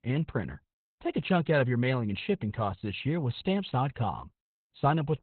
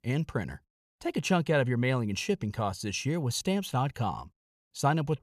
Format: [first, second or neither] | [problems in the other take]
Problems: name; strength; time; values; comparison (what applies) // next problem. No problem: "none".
second | garbled, watery; badly; nothing above 4 kHz